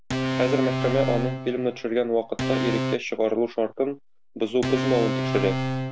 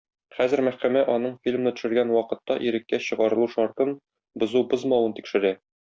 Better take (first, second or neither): second